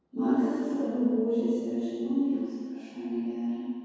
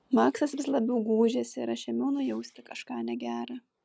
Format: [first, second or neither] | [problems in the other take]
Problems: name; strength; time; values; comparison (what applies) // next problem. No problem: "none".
second | room echo; dies away in 2 s